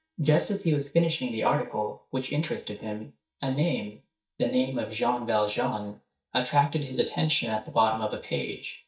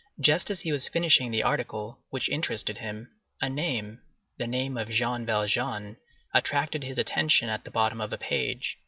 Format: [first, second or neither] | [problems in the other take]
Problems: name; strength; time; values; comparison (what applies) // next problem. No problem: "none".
second | noise reduction (neural mask model DeepFilterNet 3)